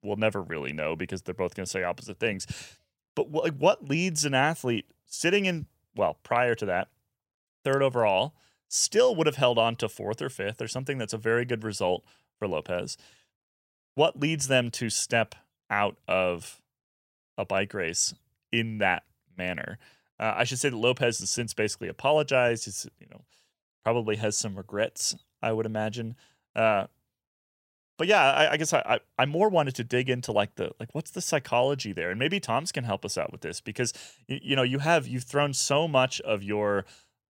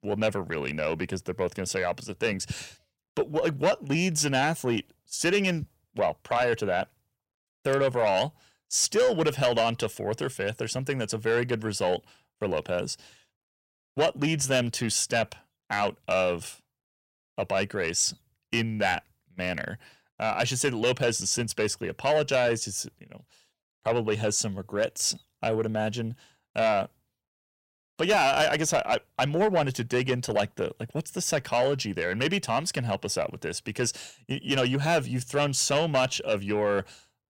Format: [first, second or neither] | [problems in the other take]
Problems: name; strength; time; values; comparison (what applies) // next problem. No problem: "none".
first | distortion; slight; 10 dB below the speech